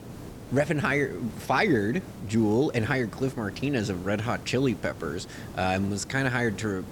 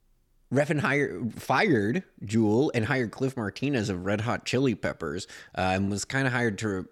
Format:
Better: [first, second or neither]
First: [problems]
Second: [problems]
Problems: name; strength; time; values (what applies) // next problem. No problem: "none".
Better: second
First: hiss; noticeable; throughout; 15 dB below the speech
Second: none